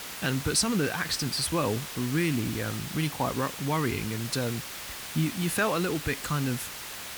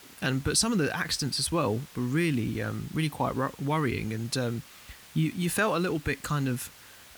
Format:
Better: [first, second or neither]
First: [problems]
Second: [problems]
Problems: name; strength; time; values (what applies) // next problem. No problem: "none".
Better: second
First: hiss; loud; throughout; 8 dB below the speech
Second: hiss; faint; throughout; 20 dB below the speech